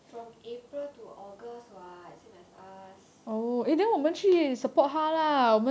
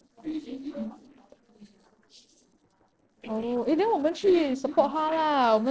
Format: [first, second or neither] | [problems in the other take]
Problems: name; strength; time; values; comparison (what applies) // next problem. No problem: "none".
first | noise reduction (neural separator model SepFormer DNS4)